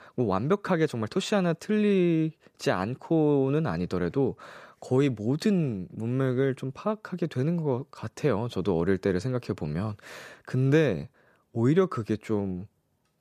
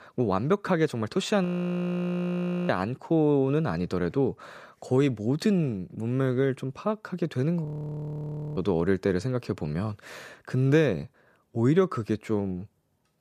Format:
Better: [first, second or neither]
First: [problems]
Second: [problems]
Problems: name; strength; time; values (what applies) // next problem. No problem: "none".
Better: first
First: none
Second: audio freezing; at 1.5 s for 1 s and at 7.5 s for 1 s